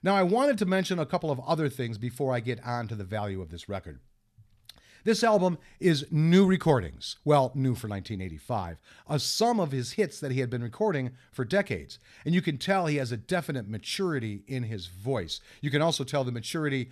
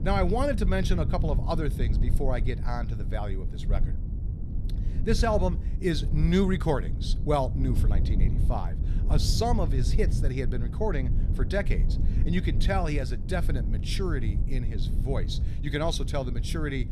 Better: first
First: none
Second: low rumble; noticeable; throughout; 10 dB below the speech

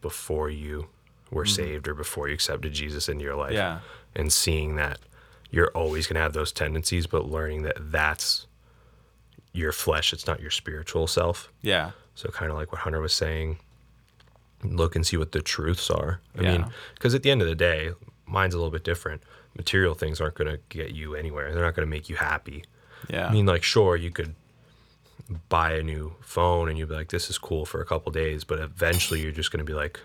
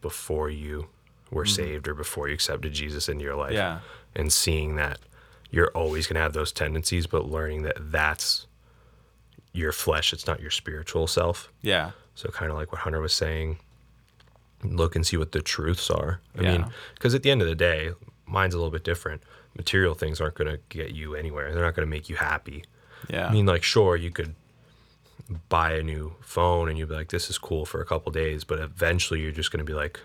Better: second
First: clattering dishes; noticeable; at 29 s; peak 4 dB below the speech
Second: none

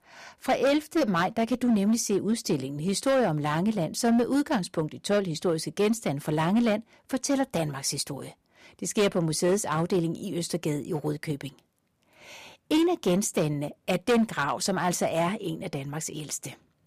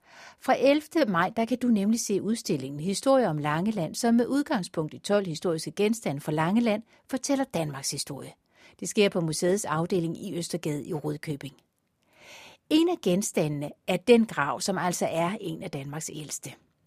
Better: second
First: distortion; slight; 6% of the sound clipped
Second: none

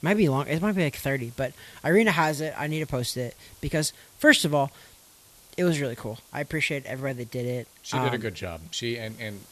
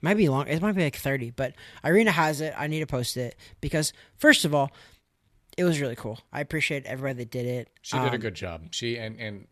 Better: second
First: hiss; faint; throughout; 25 dB below the speech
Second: none

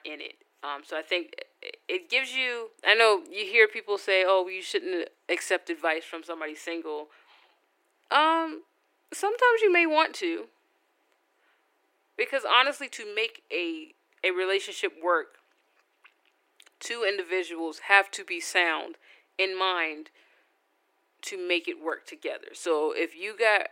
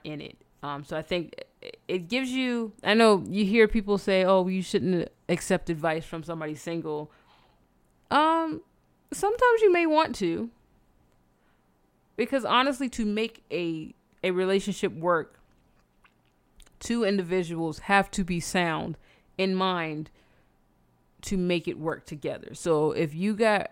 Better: second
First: thin; very; fading below 300 Hz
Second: none

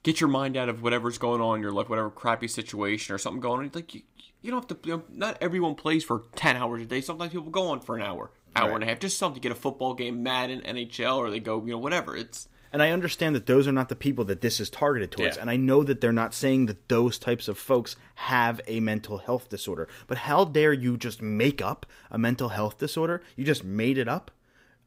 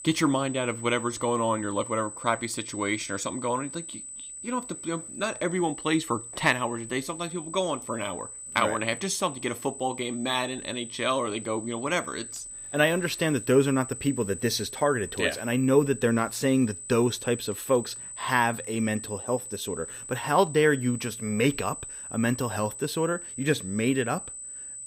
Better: first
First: none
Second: high-pitched whine; noticeable; throughout; 8 kHz, 10 dB below the speech

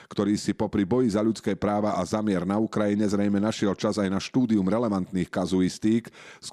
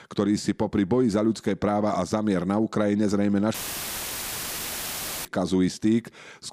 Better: first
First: none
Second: audio cutting out; filled with static; at 3.5 s for 1.5 s

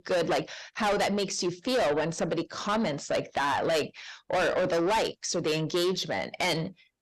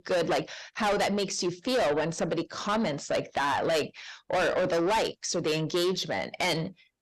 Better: neither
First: distortion; heavy; 6 dB below the speech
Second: distortion; heavy; 6 dB below the speech

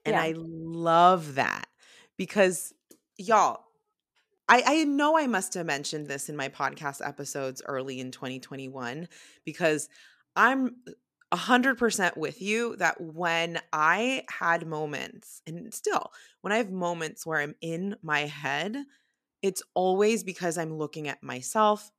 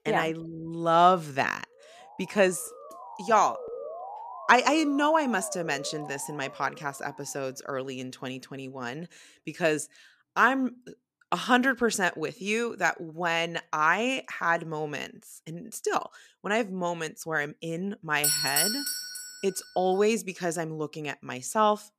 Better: first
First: none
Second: siren; faint; from 2 to 7.5 s; peak 10 dB below the speech // doorbell; loud; from 18 to 19 s; peak 5 dB above the speech

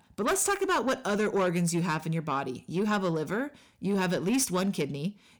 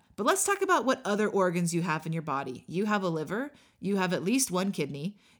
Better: second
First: distortion; slight; 10 dB below the speech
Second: none

